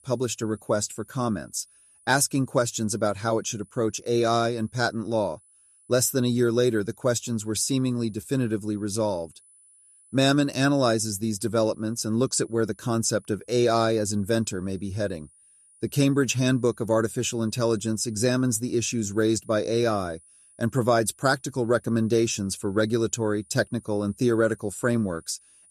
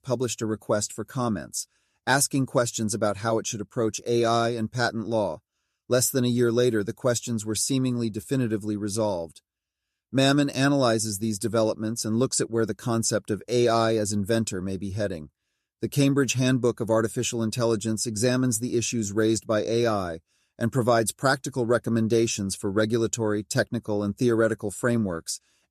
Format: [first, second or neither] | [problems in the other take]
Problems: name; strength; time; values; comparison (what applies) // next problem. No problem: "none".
second | high-pitched whine; faint; throughout; 9.5 kHz, 30 dB below the speech